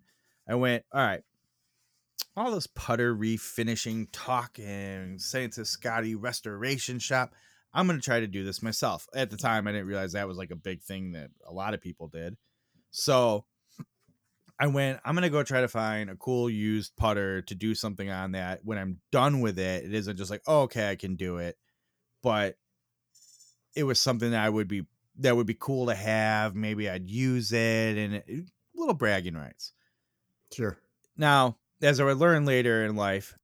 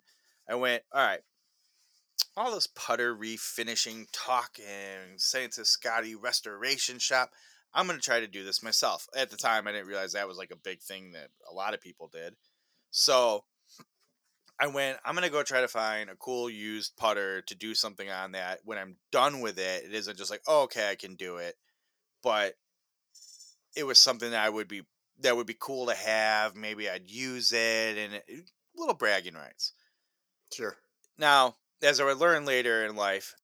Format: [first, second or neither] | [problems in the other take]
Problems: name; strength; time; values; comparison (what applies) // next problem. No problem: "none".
first | thin; somewhat; fading below 500 Hz